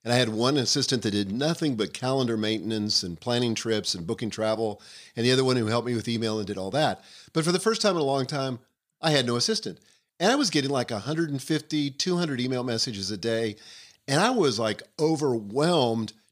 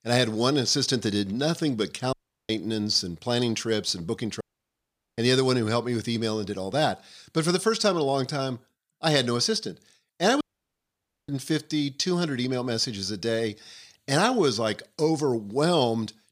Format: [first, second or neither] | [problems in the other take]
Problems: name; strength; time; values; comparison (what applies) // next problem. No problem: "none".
first | audio cutting out; at 2 s, at 4.5 s for 1 s and at 10 s for 1 s